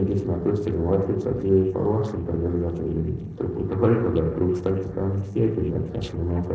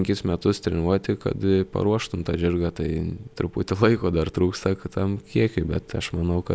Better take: second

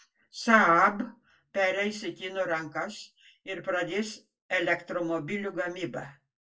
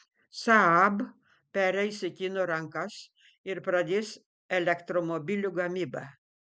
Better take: second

